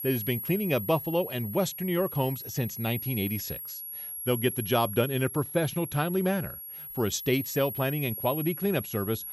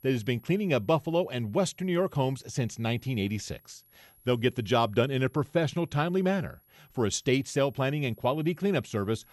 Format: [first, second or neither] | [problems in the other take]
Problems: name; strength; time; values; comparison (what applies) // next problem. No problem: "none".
second | high-pitched whine; loud; throughout; 11.5 kHz, 7 dB below the speech; faint in the second